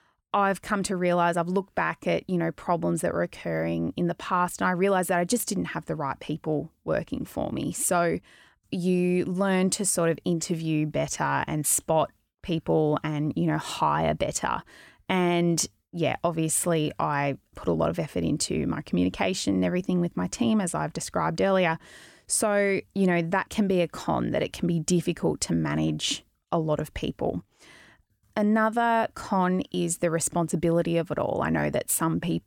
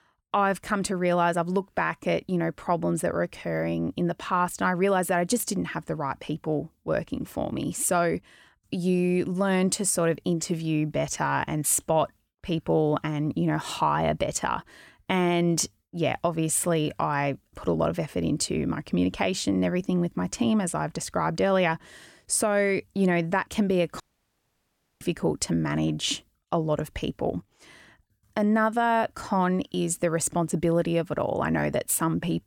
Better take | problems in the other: first | audio cutting out; at 24 s for 1 s

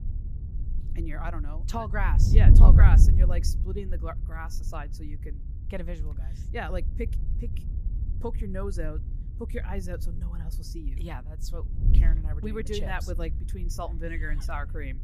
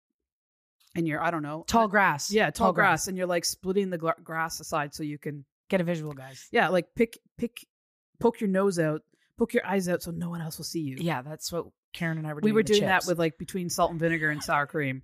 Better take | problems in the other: second | wind noise on the microphone; heavy; 7 dB below the speech

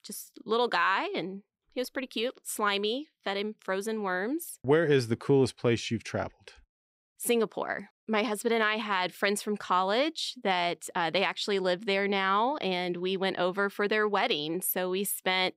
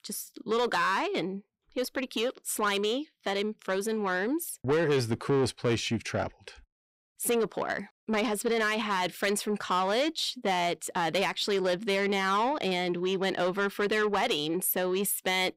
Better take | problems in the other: first | distortion; slight; 10 dB below the speech

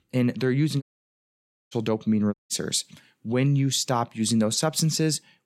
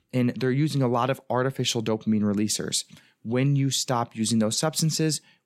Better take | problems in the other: second | audio cutting out; at 1 s for 1 s and at 2.5 s

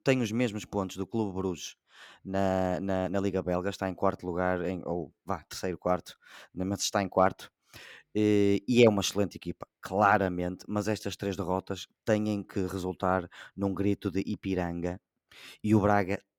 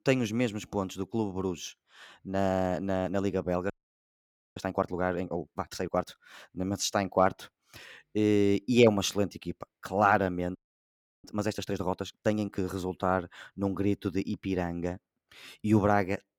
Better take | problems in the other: first | audio freezing; at 3.5 s for 1 s and at 11 s for 0.5 s

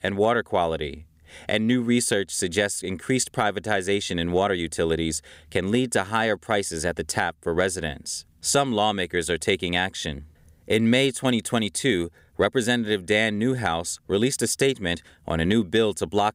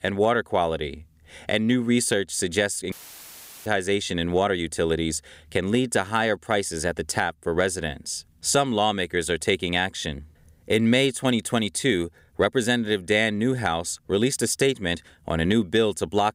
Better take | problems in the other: first | audio cutting out; filled with static; at 3 s for 0.5 s

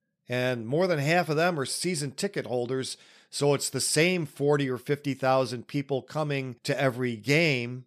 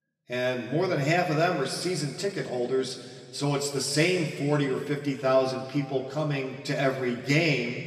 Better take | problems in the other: first | room echo; slight; dies away in 2.1 s // off-mic speech; somewhat distant

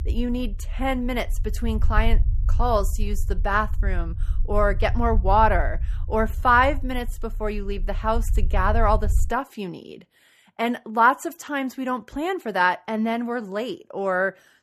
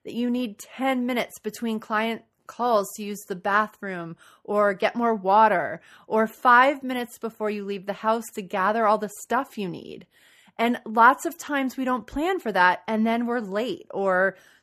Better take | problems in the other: second | low rumble; faint; until 9.5 s; 25 dB below the speech

